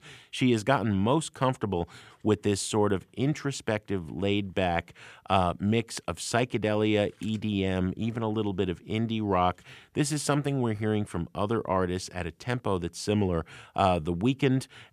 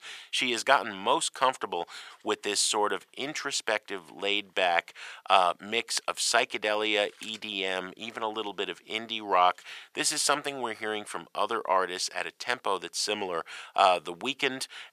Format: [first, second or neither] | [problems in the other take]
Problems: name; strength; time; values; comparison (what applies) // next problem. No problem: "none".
first | thin; very; fading below 700 Hz